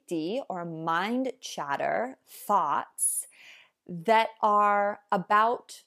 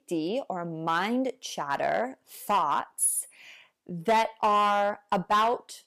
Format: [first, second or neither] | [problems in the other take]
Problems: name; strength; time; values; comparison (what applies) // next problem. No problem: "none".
first | distortion; slight; 4% of the sound clipped